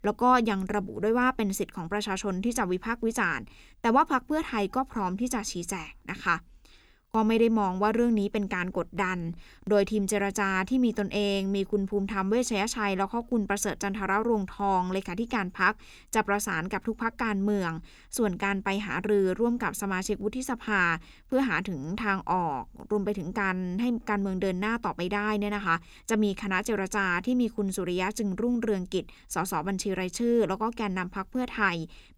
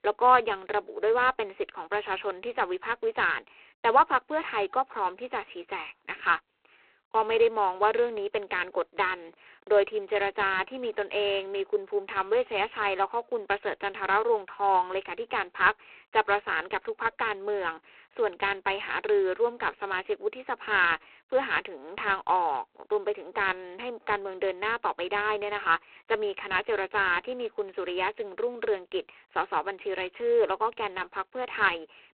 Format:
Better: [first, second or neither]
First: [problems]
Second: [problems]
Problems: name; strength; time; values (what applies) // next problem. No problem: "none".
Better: first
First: none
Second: phone-call audio; poor line; nothing above 4 kHz